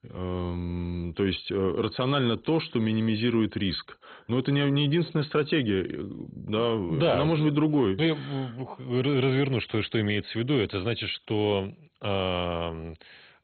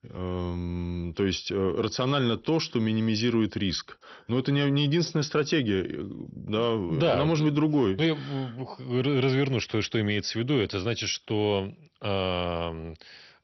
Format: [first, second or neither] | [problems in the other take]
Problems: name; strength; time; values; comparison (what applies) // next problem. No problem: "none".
second | garbled, watery; badly; nothing above 4 kHz; slightly in the second